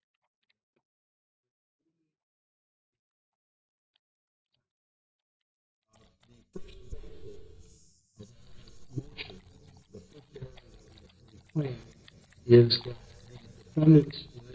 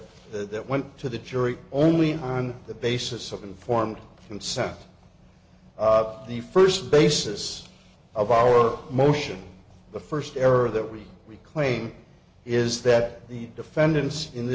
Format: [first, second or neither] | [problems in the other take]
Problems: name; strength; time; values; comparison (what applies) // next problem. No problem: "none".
second | noise reduction (neural mask model DeepFilterNet 3)